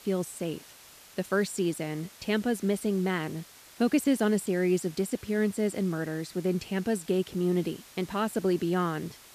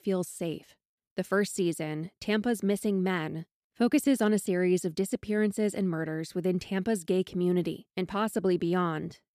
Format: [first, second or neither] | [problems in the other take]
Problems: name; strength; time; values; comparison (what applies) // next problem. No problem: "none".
second | hiss; faint; throughout; 20 dB below the speech